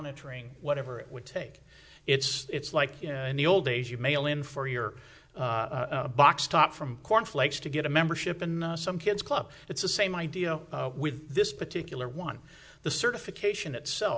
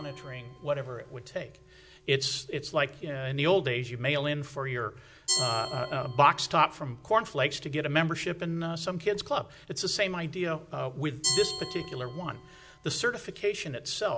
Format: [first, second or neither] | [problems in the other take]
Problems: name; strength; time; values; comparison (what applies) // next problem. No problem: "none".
first | background sound (Glass); 10 dB below the speech